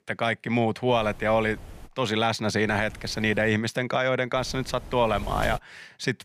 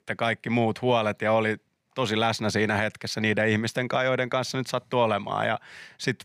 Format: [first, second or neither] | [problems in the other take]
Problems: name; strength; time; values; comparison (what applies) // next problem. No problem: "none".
second | wind noise on the microphone; occasional gusts; at 1 s, at 2.5 s and from 4.5 to 5.5 s; 20 dB below the speech